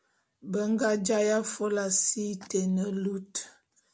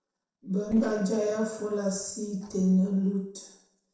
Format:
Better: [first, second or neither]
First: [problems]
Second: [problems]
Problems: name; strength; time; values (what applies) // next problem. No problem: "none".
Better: first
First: none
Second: noise reduction (neural separator model SepFormer DNS4)